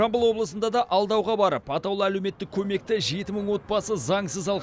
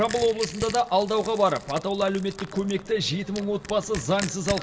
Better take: first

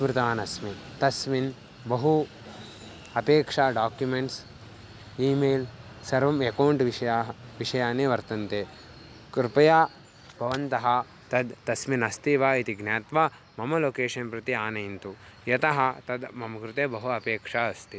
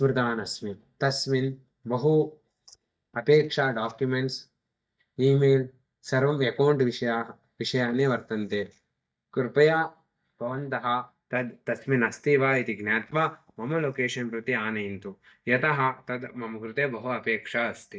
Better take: first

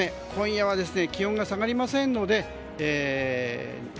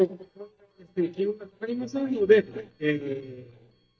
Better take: first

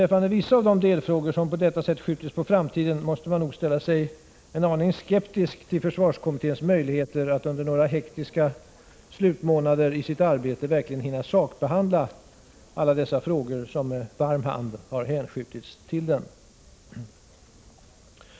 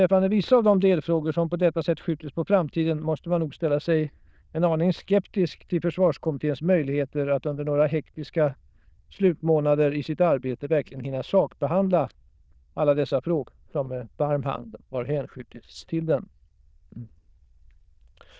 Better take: first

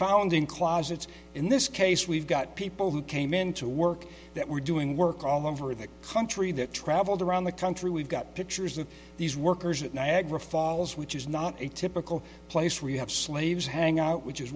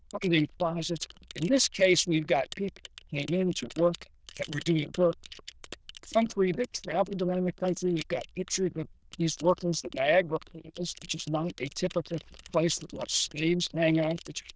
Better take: first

